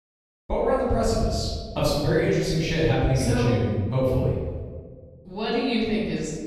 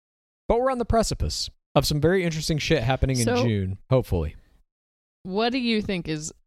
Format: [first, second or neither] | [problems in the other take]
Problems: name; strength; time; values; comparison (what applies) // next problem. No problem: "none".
second | room echo; strong; dies away in 1.4 s // off-mic speech; far